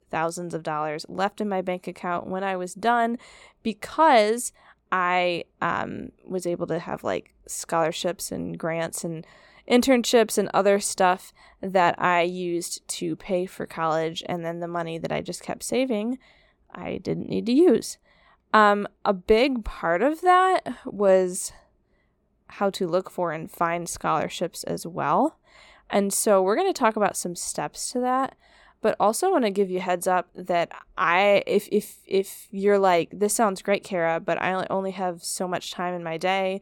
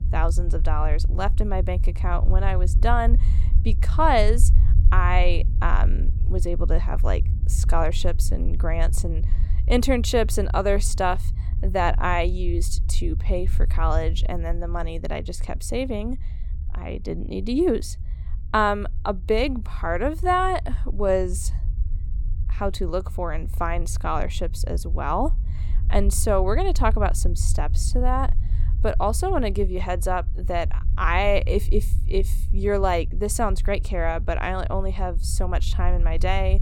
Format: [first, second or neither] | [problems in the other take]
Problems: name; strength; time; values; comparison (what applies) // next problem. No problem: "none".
first | low rumble; noticeable; throughout; 20 dB below the speech